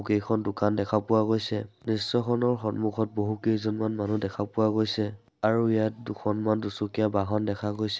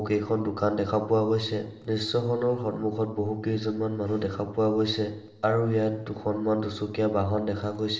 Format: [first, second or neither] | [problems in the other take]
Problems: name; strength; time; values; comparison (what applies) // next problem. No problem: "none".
first | room echo; dies away in 1.7 s